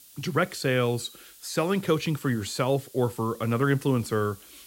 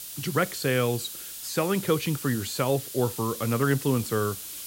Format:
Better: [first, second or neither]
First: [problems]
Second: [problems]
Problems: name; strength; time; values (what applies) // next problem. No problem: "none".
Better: first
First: hiss; faint; throughout; 20 dB below the speech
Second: hiss; loud; throughout; 9 dB below the speech